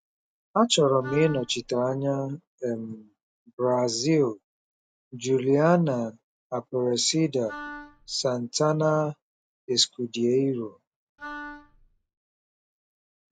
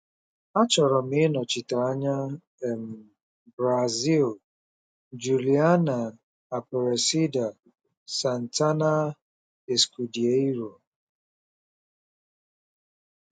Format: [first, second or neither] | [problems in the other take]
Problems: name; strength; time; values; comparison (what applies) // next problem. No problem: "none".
second | background sound (Wind instrument, woodwind instrument); 14 dB below the speech